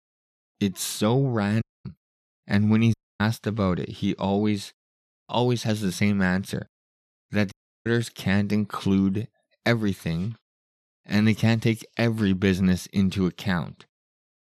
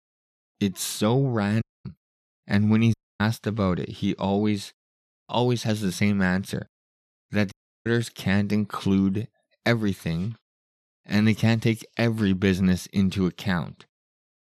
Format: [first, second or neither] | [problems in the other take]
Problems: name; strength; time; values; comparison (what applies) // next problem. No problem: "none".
neither | audio cutting out; at 1.5 s, at 3 s and at 7.5 s; the same in both